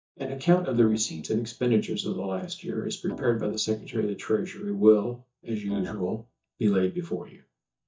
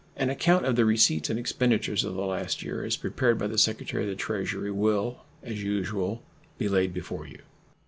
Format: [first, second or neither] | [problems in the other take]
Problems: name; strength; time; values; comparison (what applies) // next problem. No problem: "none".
second | noise reduction (neural mask model DeepFilterNet 3)